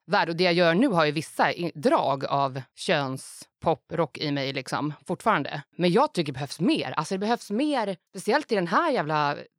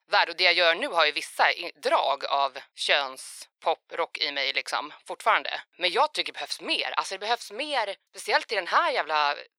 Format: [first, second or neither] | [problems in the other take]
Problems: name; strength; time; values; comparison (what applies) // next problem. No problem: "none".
first | thin; very; fading below 550 Hz